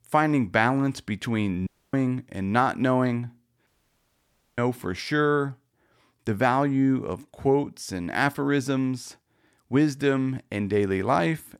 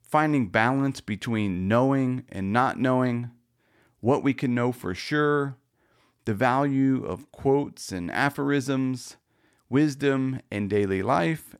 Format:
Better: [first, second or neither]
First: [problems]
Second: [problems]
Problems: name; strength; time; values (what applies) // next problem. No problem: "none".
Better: second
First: audio cutting out; at 1.5 s and at 3.5 s for 1 s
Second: none